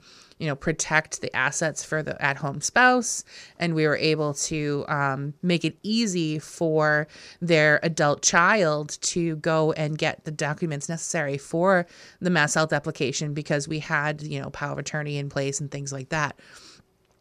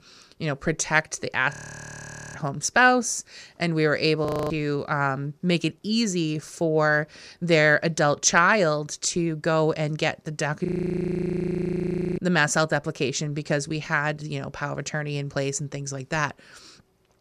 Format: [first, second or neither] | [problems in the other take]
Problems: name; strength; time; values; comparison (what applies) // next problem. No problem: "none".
first | audio freezing; at 1.5 s for 1 s, at 4.5 s and at 11 s for 1.5 s